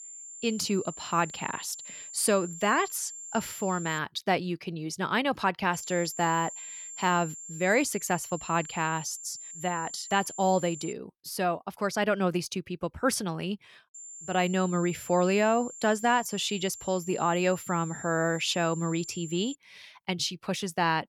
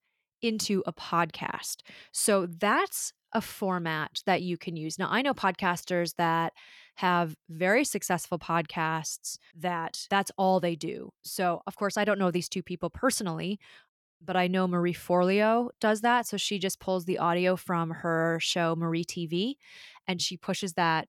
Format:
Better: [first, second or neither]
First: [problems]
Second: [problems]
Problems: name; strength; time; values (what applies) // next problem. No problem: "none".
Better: second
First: high-pitched whine; noticeable; until 4 s, from 5.5 to 11 s and from 14 to 20 s; 7.5 kHz, 10 dB below the speech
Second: none